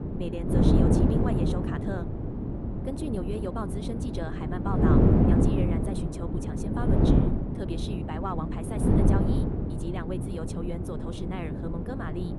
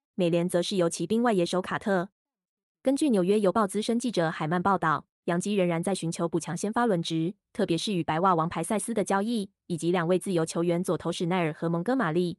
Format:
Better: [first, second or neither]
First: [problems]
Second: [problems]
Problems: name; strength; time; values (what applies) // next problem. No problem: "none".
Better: second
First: wind noise on the microphone; heavy; 5 dB above the speech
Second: none